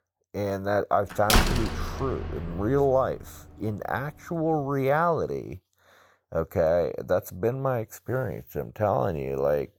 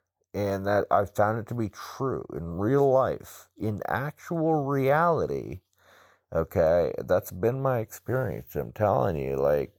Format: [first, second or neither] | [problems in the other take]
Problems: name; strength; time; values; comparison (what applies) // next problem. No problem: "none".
second | door banging; loud; from 1.5 to 2.5 s; peak 5 dB above the speech